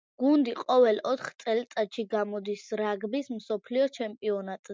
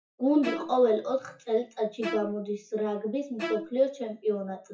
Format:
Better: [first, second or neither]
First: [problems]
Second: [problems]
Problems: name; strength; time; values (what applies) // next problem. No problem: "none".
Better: first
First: none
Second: noise reduction (classical method WPE with log-MMSE)